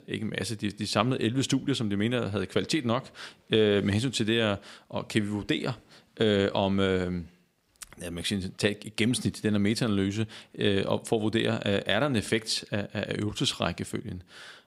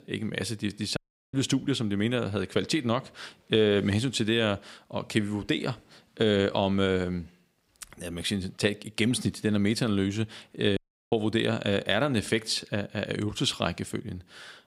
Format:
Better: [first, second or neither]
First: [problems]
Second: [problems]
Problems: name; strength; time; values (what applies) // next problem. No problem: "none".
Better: first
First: none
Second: audio cutting out; at 1 s and at 11 s